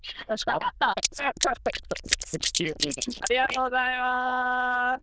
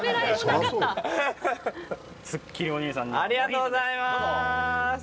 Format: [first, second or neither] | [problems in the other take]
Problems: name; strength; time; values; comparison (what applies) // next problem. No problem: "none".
second | noise reduction (neural diffusion model UNIVERSE++)